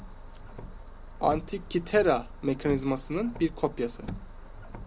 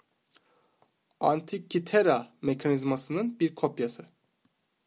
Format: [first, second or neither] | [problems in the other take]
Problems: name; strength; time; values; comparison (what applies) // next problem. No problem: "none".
second | background sound (Car); 11 dB below the speech